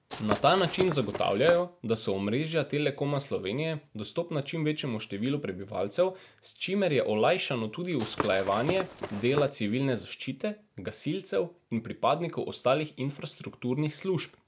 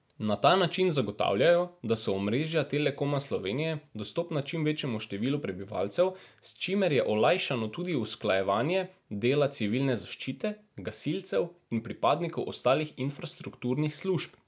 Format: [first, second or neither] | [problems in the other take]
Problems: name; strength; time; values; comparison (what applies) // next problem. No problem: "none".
second | background sound (Walk, footsteps / Run); 7 dB below the speech